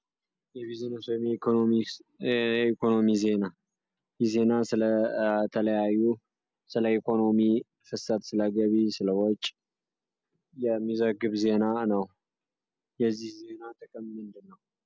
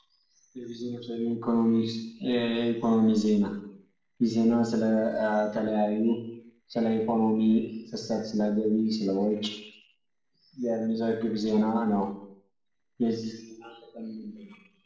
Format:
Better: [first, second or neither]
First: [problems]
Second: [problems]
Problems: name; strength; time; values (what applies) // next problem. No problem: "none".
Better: first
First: none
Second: noise reduction (neural separator model SepFormer DNS4)